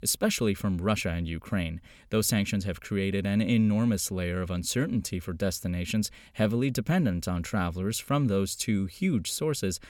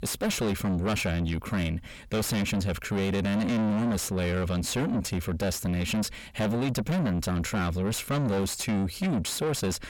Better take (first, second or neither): first